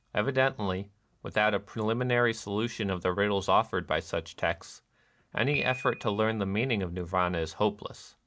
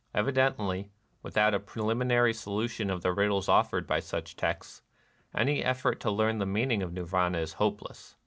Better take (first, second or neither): second